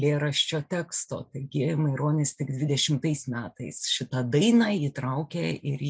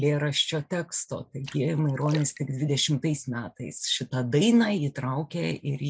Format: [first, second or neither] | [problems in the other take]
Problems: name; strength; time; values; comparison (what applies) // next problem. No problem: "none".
first | background sound (Splash, splatter); 19 dB below the speech